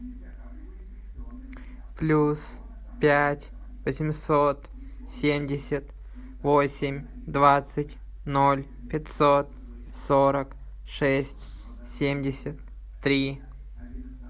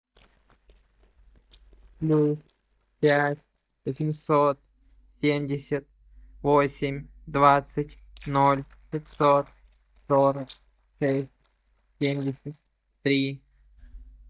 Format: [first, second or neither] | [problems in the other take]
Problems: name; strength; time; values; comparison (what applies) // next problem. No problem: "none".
first | noise reduction (neural mask model DeepFilterNet 3)